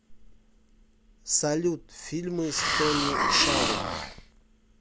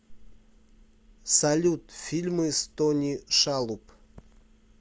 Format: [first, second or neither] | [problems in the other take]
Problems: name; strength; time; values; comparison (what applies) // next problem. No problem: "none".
second | background sound (Hiss); 2 dB above the speech